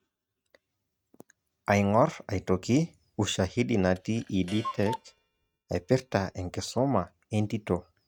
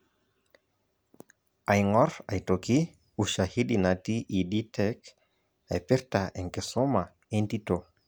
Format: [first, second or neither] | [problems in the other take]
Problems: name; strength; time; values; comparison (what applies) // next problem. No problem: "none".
second | noise reduction (neural mask model RNNoise)